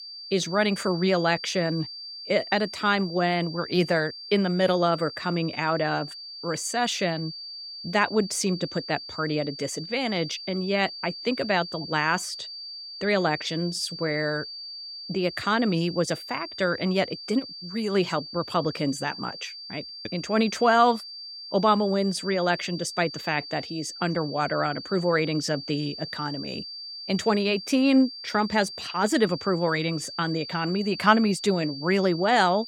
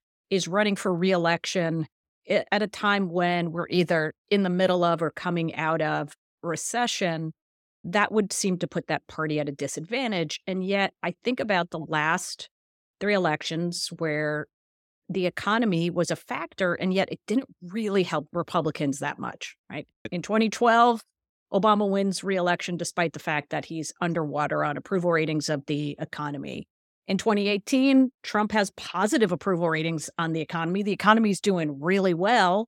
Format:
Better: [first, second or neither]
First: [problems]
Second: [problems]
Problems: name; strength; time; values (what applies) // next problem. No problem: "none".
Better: second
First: high-pitched whine; noticeable; throughout; 4.5 kHz, 10 dB below the speech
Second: none